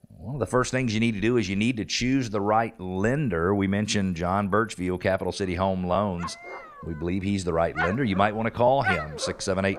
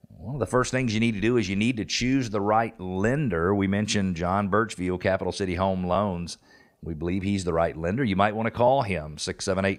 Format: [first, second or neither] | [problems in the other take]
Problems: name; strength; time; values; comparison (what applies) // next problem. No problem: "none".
second | animal sounds; loud; throughout; 8 dB below the speech